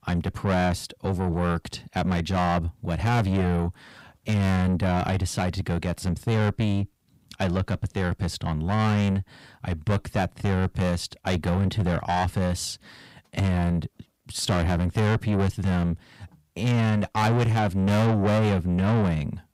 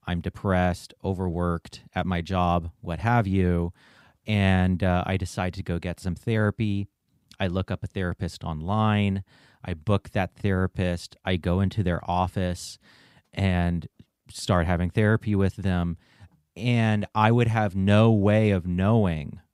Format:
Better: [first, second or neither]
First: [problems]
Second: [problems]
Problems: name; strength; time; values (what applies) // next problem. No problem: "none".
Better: second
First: distortion; heavy; 6 dB below the speech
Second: none